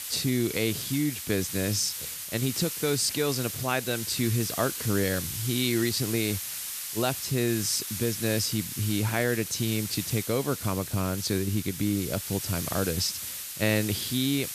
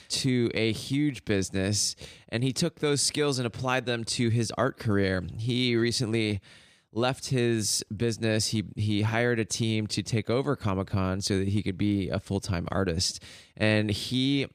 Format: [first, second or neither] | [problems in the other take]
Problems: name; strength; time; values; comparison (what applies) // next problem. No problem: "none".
second | hiss; loud; throughout; 5 dB below the speech